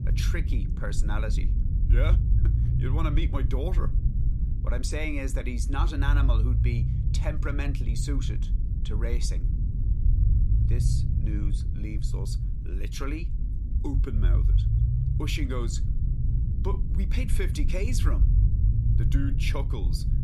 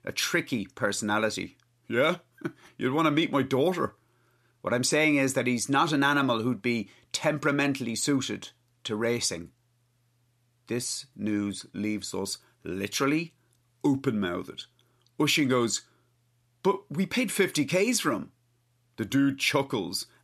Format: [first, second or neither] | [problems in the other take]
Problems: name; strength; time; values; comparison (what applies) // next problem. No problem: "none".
second | low rumble; loud; throughout; 6 dB below the speech